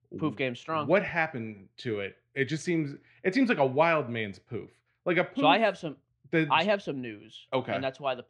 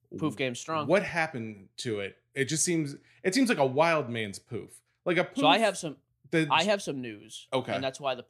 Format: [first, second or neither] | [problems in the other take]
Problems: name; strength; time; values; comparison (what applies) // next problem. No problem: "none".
second | muffled; slightly; fading above 2.5 kHz